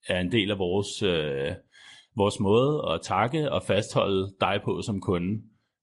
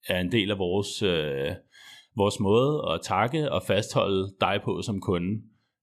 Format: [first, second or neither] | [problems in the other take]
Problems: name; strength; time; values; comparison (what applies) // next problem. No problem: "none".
second | garbled, watery; slightly; nothing above 11 kHz